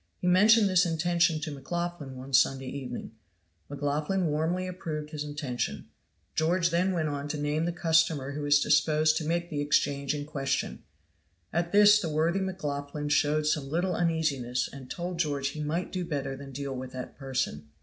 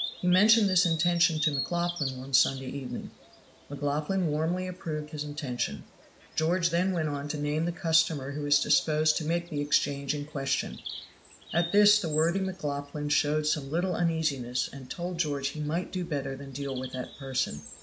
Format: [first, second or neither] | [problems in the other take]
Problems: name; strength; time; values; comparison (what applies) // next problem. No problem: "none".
first | background sound (Bird vocalization, bird call, bird song); 13 dB below the speech